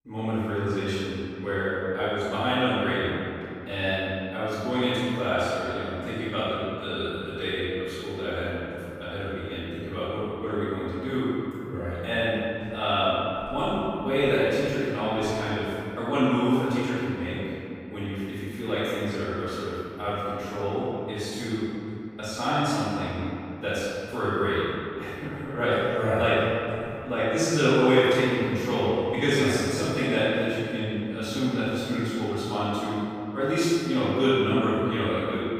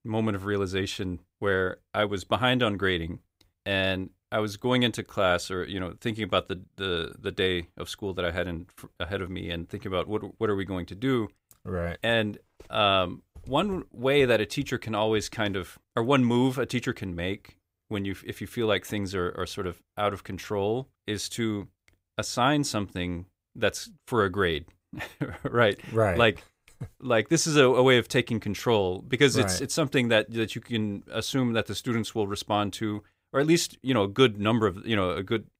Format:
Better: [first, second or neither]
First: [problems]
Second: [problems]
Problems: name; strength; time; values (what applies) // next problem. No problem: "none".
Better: second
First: room echo; strong; dies away in 2.5 s // off-mic speech; far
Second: none